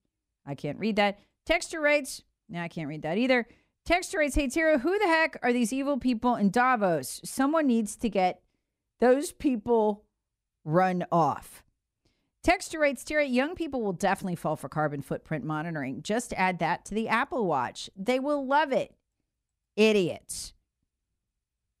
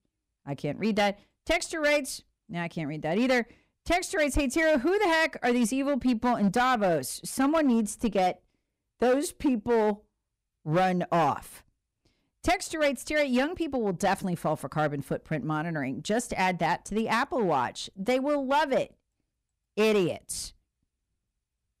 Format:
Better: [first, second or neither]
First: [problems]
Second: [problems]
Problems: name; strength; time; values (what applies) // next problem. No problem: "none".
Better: first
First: none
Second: distortion; slight; 6% of the sound clipped